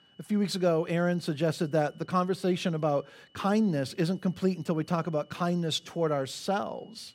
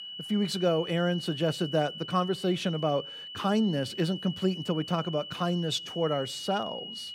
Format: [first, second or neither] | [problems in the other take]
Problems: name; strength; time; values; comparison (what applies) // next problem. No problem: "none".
first | high-pitched whine; loud; throughout; 3 kHz, 9 dB below the speech; faint in the first